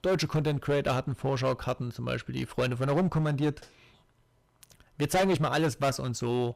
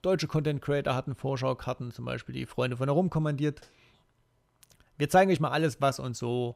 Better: second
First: distortion; heavy; 10% of the sound clipped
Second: none

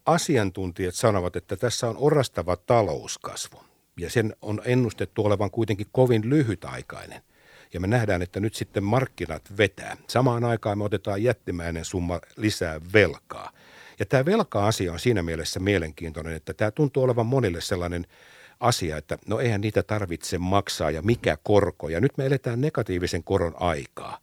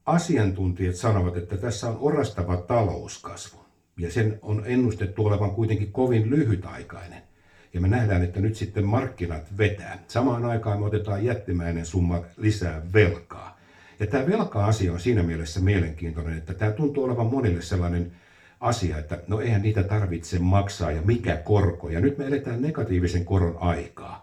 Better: first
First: none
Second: room echo; very slight; dies away in 0.3 s // off-mic speech; far

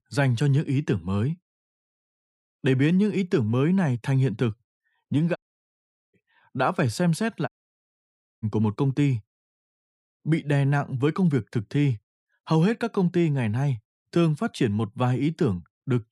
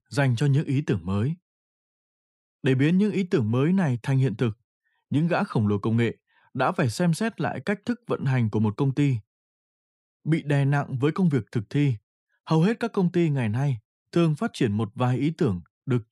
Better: second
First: audio cutting out; at 5.5 s for 1 s and at 7.5 s for 1 s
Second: none

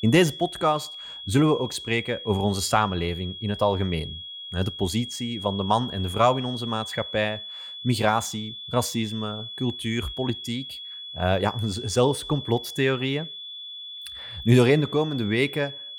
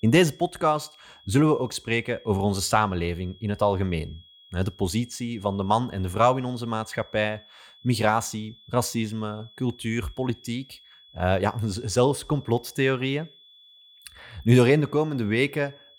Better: second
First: high-pitched whine; loud; throughout; 3.5 kHz, 10 dB below the speech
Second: high-pitched whine; faint; throughout; 3.5 kHz, 25 dB below the speech

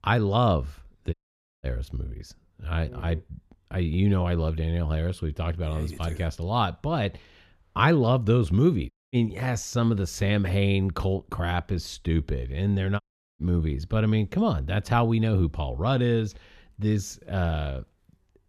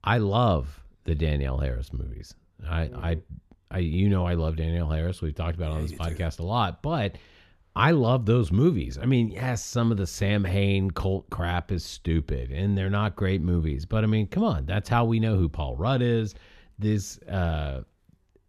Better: second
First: audio cutting out; at 1 s, at 9 s and at 13 s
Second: none

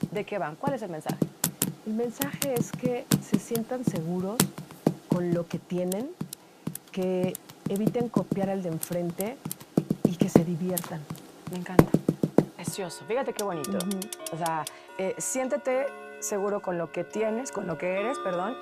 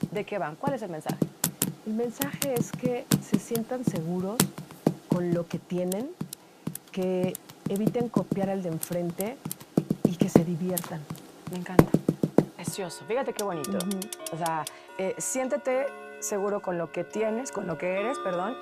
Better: neither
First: household noises; very loud; throughout; 1 dB above the speech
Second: household noises; very loud; throughout; 1 dB above the speech

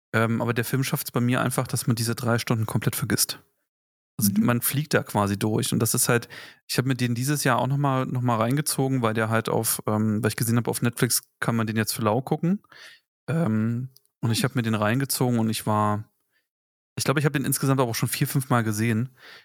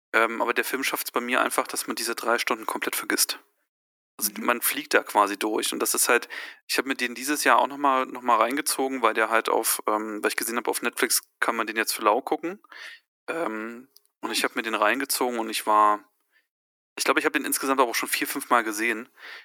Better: first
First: none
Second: thin; very; fading below 300 Hz

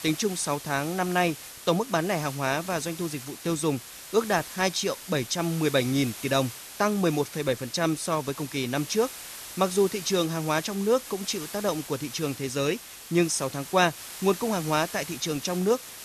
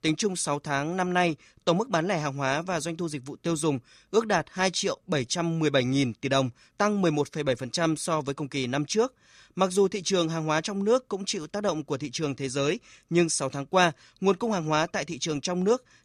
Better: second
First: hiss; noticeable; throughout; 10 dB below the speech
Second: none

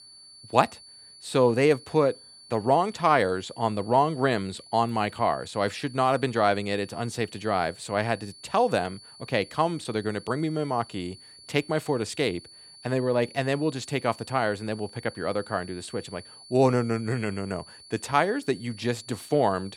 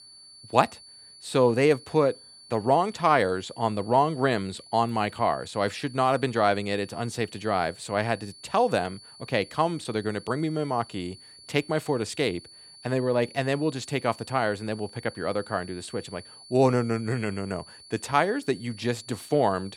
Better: neither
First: high-pitched whine; noticeable; throughout; 4.5 kHz, 20 dB below the speech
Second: high-pitched whine; noticeable; throughout; 4.5 kHz, 20 dB below the speech

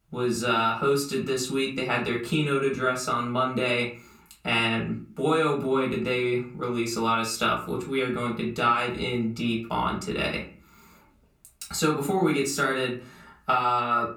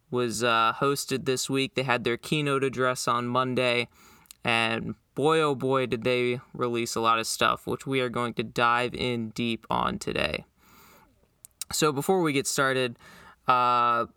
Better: second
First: off-mic speech; far // room echo; very slight; dies away in 0.4 s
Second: none

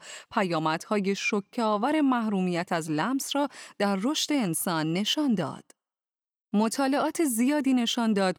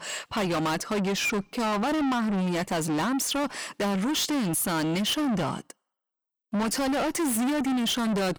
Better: first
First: none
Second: distortion; heavy; 6 dB below the speech

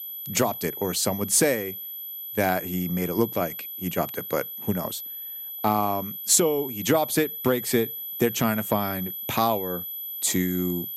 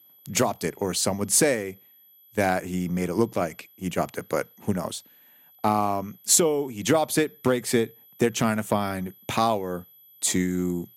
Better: second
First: high-pitched whine; loud; throughout; 12 kHz, 7 dB below the speech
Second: high-pitched whine; faint; throughout; 12 kHz, 25 dB below the speech

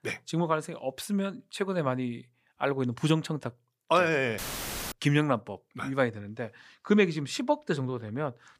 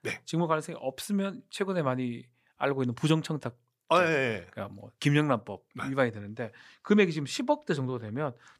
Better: second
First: audio cutting out; filled with static; at 4.5 s for 0.5 s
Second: none

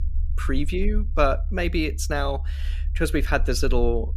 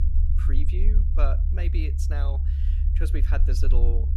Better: first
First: low rumble; faint; throughout; 25 dB below the speech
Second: low rumble; loud; throughout; 6 dB below the speech

